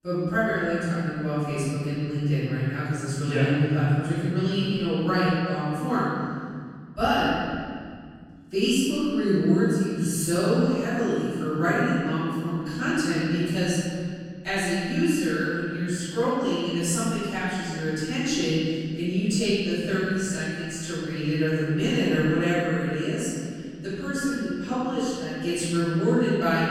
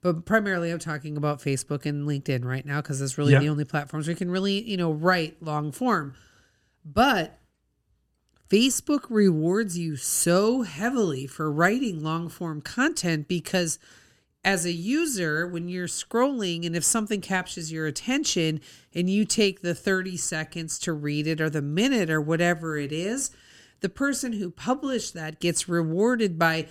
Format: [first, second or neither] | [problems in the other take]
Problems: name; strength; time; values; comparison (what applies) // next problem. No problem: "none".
second | off-mic speech; far // room echo; strong; dies away in 2.2 s